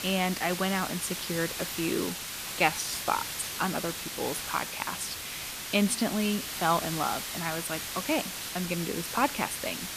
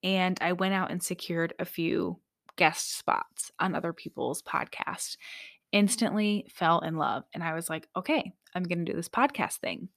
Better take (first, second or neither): second